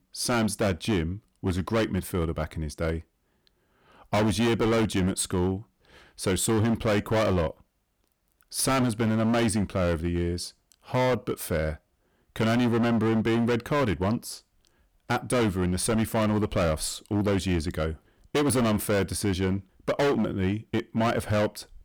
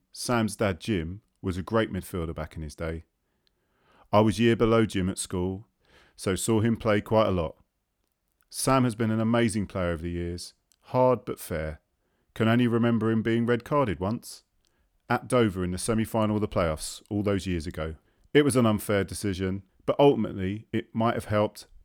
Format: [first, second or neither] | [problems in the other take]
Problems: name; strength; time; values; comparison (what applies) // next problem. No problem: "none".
second | distortion; heavy; 16% of the sound clipped